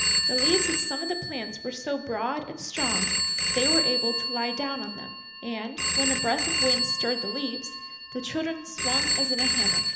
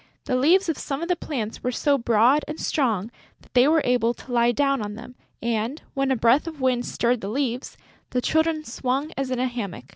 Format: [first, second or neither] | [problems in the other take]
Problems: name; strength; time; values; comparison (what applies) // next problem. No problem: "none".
second | background sound (Telephone); 5 dB above the speech // room echo; dies away in 0.8 s